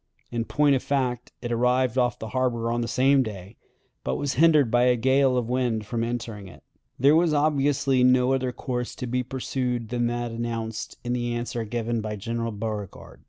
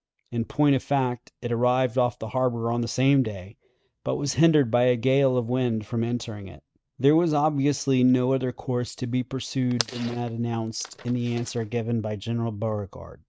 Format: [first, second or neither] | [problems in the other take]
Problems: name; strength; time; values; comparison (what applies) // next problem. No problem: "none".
first | noise reduction (neural mask model RNNoise)